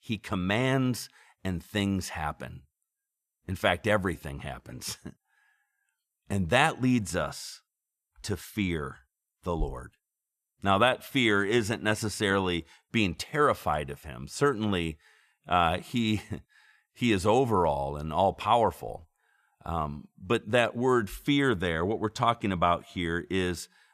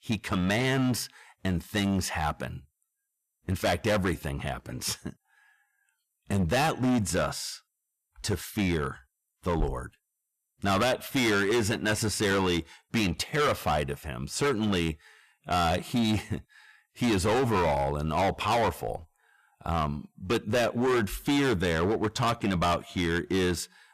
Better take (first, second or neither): first